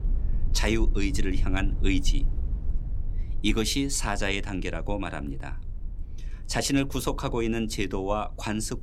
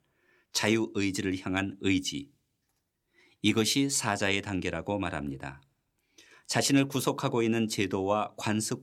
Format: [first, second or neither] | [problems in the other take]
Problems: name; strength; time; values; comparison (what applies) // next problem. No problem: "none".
second | low rumble; faint; throughout; 20 dB below the speech